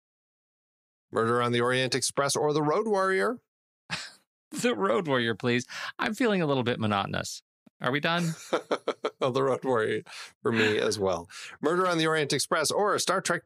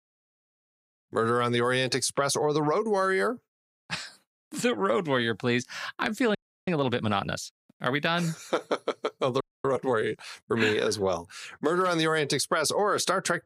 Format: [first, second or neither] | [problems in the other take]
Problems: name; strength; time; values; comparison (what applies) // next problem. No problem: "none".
first | audio freezing; at 6.5 s and at 9.5 s